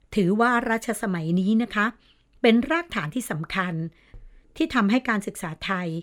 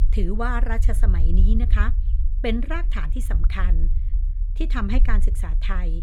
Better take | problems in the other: first | low rumble; noticeable; throughout; 15 dB below the speech

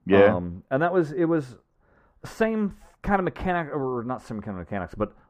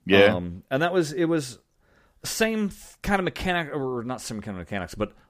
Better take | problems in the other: second | muffled; very; fading above 2.5 kHz

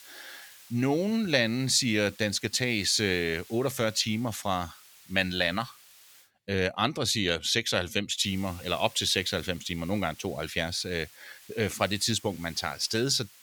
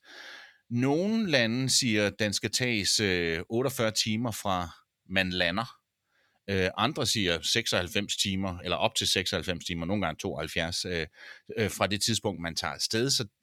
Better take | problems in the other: second | hiss; faint; until 6.5 s and from 8 s on; 20 dB below the speech

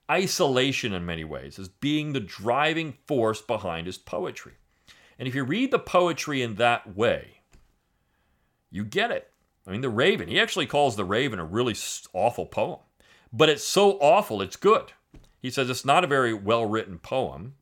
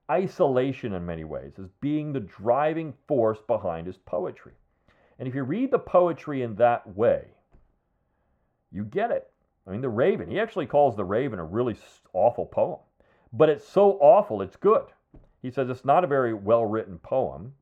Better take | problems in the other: first | muffled; very; fading above 2.5 kHz

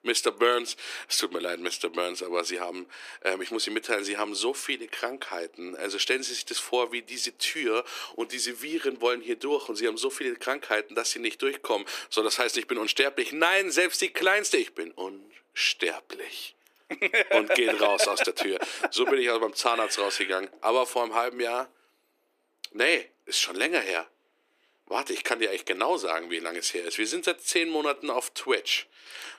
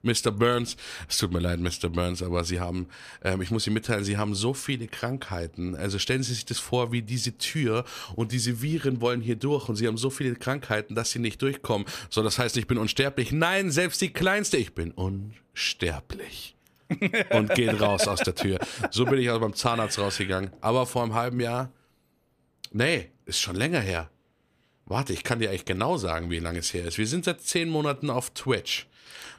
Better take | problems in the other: second | thin; very; fading below 300 Hz

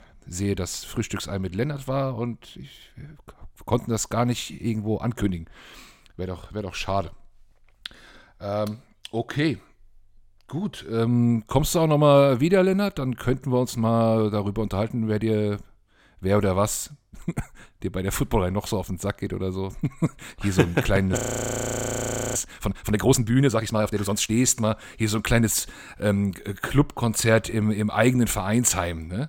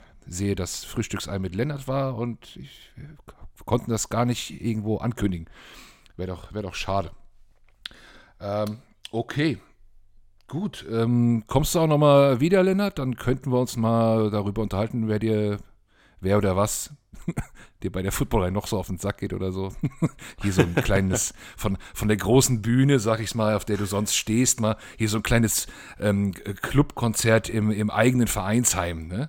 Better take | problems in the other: second | audio freezing; at 21 s for 1 s

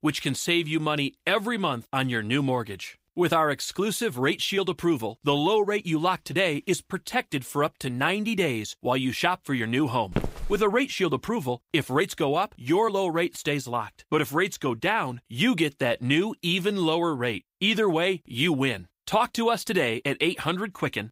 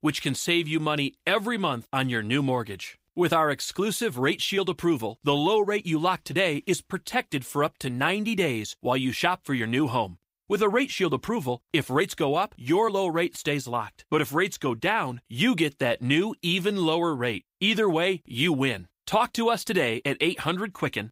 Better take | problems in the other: second | footsteps; noticeable; at 10 s; peak 6 dB below the speech

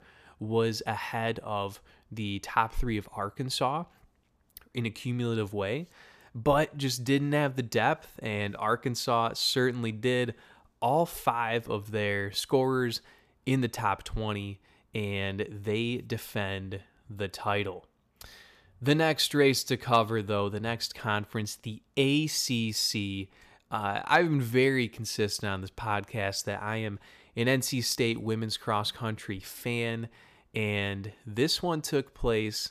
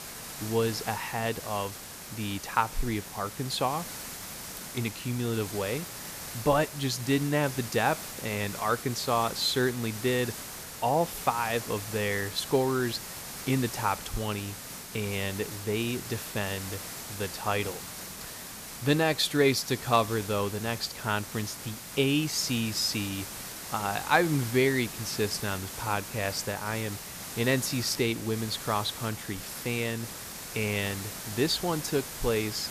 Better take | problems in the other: first | hiss; loud; throughout; 9 dB below the speech

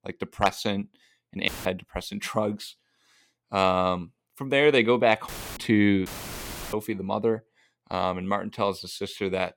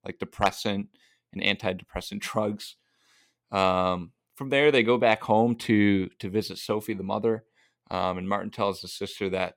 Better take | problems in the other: second | audio cutting out; filled with static; at 1.5 s, at 5.5 s and at 6 s for 0.5 s

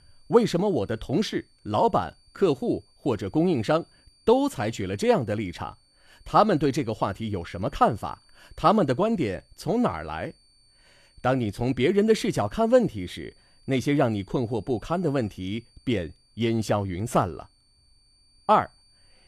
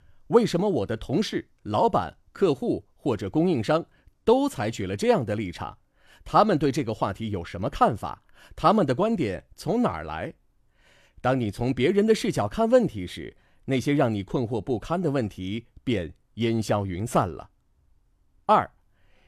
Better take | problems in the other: second | high-pitched whine; faint; throughout; 4.5 kHz, 35 dB below the speech

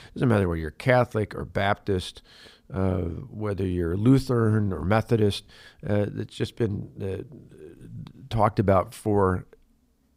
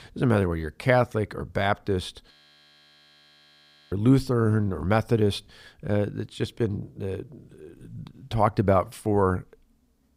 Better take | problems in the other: first | audio freezing; at 2.5 s for 1.5 s

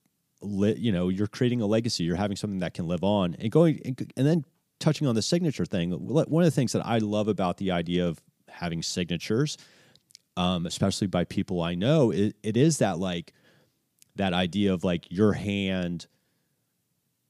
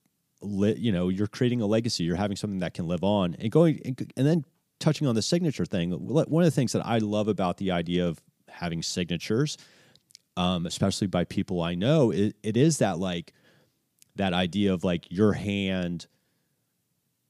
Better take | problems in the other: neither | none

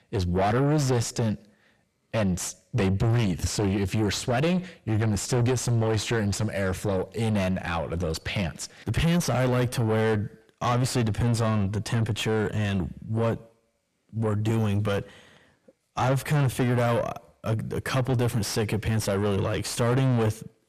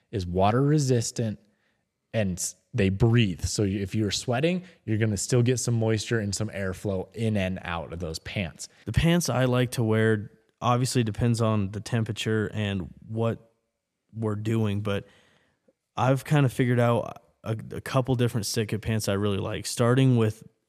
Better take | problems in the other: second | distortion; heavy; 5 dB below the speech

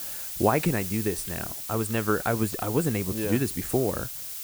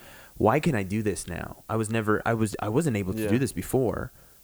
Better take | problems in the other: second | hiss; loud; throughout; 5 dB below the speech; faint in the second

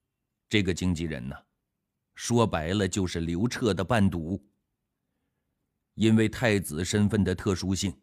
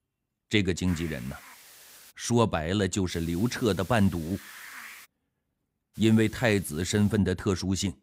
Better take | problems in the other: first | hiss; noticeable; from 1 to 2 s, from 3 to 5 s and from 6 to 7 s; 20 dB below the speech

